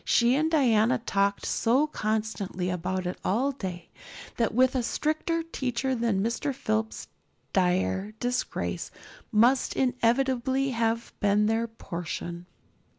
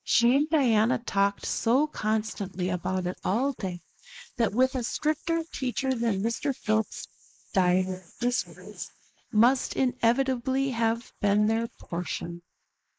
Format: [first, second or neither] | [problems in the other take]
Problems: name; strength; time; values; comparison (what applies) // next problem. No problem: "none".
first | noise reduction (neural mask model Resemble Enhance denoiser)